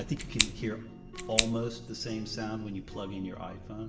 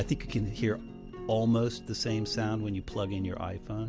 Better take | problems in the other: second | background sound (Scissors); 4 dB above the speech // room echo; dies away in 0.9 s

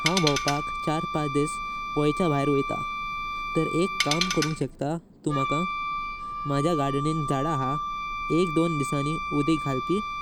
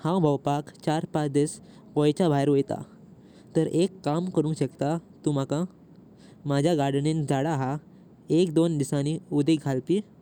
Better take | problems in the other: second | background sound (Tools + Wind instrument, woodwind instrument); 3 dB below the speech

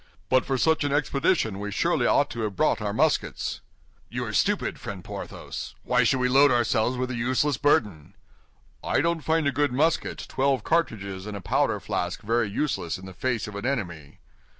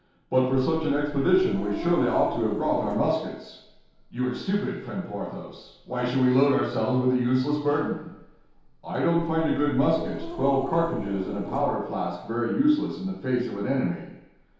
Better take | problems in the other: first | background sound (Growling); 9 dB below the speech // room echo; dies away in 0.8 s

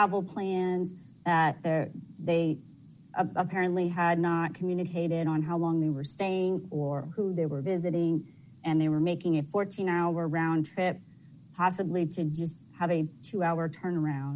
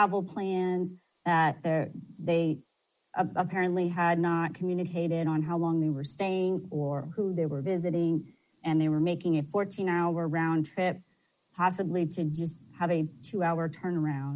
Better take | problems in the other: first | noise reduction (neural mask model Resemble Enhance denoiser)

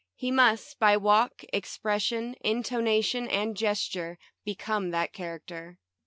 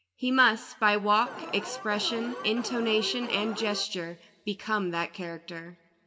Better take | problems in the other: first | background sound (Alarm); 10 dB below the speech // room echo; dies away in 0.7 s

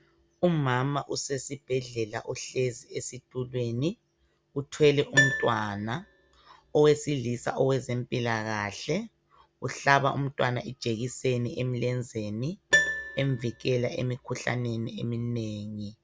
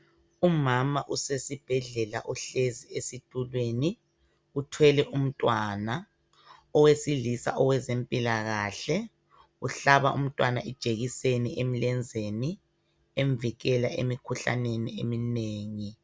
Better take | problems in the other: second | background sound (Piano); 8 dB below the speech

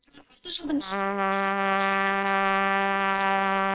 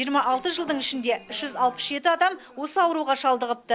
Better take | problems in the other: second | noise reduction (neural separator model SepFormer WHAMR!)

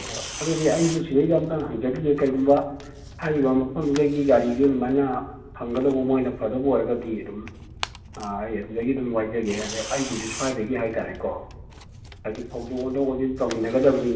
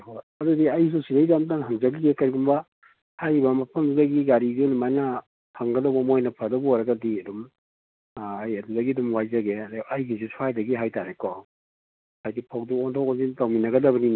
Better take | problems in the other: second | background sound (Tearing); 15 dB below the speech // room echo; dies away in 1.1 s

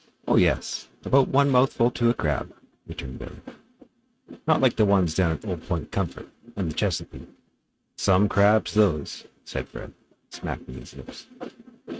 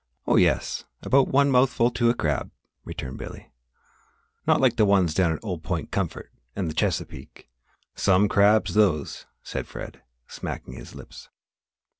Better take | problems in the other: second | noise reduction (neural mask model RNNoise)

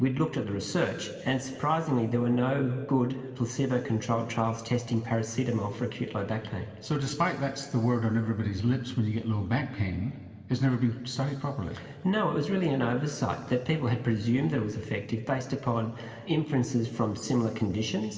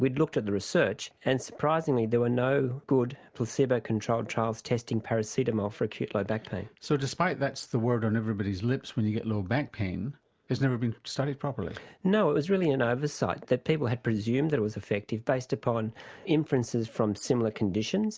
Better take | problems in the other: second | room echo; dies away in 2.2 s

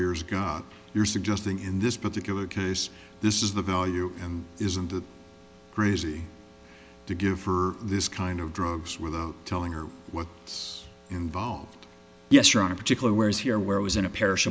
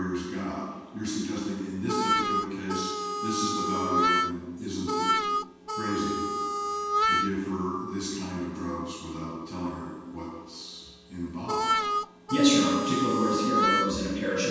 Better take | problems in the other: first | background sound (Harmonica); 2 dB above the speech // room echo; dies away in 1.2 s

